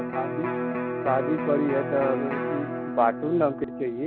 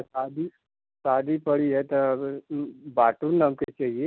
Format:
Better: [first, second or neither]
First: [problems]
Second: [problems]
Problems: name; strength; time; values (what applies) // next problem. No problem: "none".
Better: second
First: background sound (Electric guitar); 3 dB below the speech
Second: none